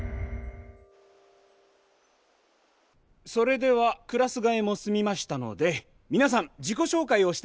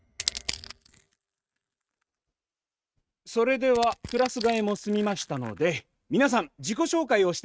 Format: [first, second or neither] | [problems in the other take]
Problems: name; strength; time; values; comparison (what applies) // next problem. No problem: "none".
first | noise reduction (neural mask model RNNoise)